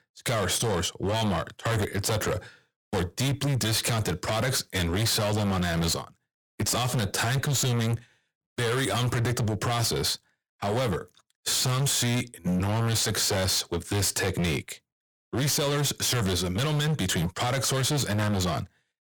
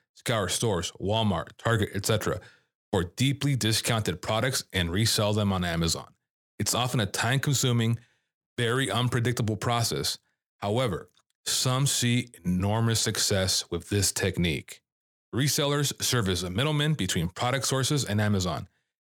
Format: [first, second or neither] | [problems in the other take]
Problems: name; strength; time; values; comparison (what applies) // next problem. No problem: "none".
second | distortion; heavy; 26% of the sound clipped